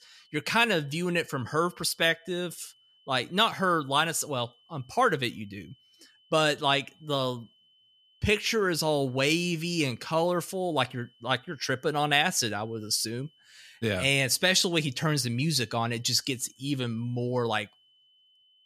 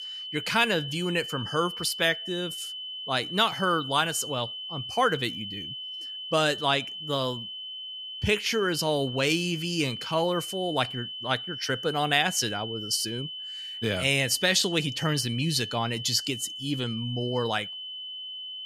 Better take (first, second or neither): first